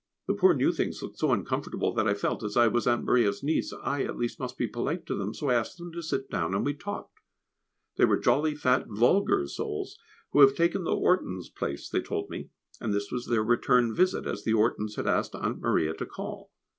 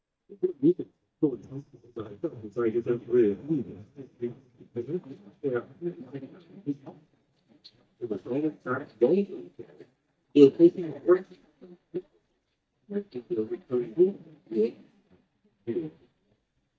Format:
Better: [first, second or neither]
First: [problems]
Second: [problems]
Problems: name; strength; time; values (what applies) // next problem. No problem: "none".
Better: first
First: none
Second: noise reduction (neural mask model DeepFilterNet 3)